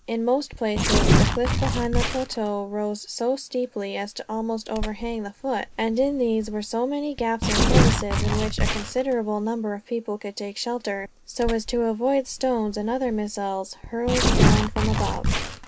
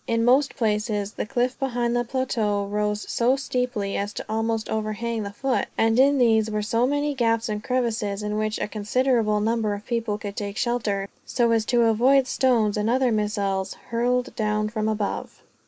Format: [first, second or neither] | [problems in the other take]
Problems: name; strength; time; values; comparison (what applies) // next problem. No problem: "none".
second | background sound (Tearing); 1 dB above the speech